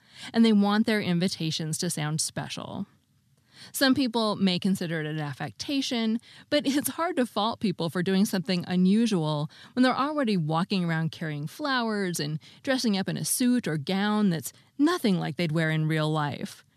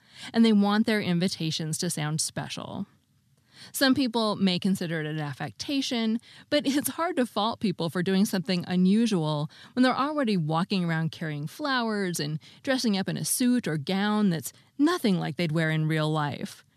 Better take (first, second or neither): neither